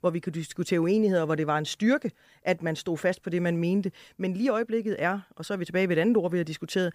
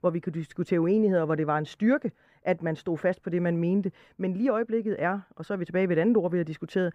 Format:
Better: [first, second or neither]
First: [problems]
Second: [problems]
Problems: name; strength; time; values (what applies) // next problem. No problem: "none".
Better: first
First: none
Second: muffled; slightly; fading above 3 kHz